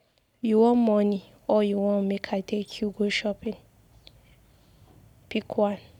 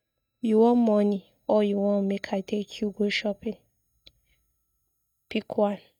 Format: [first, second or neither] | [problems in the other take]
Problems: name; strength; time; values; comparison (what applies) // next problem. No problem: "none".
first | noise reduction (neural mask model DeepFilterNet 3)